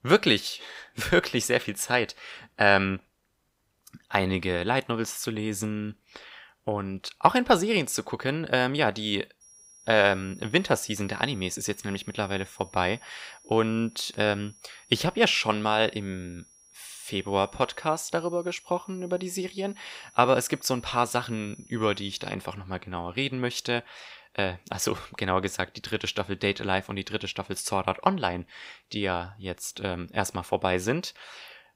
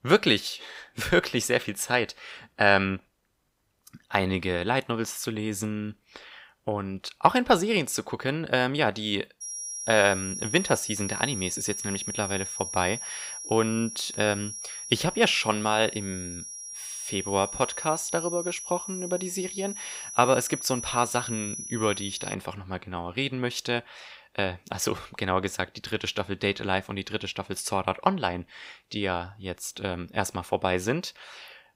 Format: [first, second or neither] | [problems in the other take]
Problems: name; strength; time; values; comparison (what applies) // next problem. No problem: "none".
first | high-pitched whine; loud; from 9.5 to 22 s; 5.5 kHz, 7 dB below the speech; faint in the first